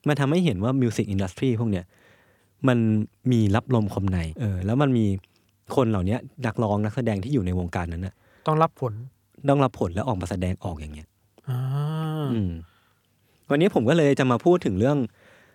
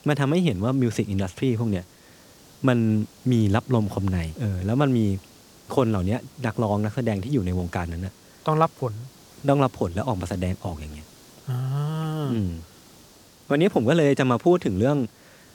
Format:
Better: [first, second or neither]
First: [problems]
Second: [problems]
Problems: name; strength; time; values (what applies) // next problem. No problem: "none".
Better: first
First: none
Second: hiss; faint; throughout; 25 dB below the speech